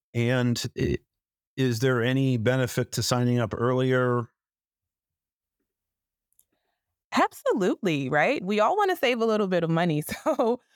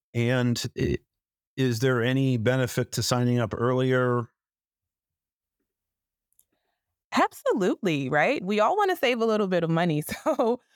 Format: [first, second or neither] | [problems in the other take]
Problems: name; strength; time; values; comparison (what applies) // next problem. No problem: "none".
neither | none